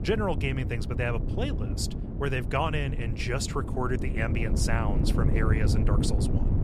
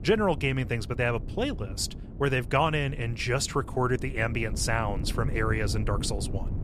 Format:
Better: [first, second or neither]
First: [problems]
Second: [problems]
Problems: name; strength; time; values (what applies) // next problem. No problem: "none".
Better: second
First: wind noise on the microphone; heavy; 7 dB below the speech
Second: wind noise on the microphone; occasional gusts; 15 dB below the speech